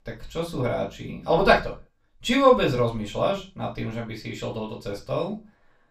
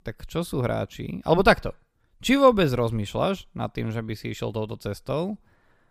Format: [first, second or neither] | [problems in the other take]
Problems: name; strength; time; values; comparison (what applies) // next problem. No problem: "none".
second | room echo; slight; dies away in 0.2 s // off-mic speech; far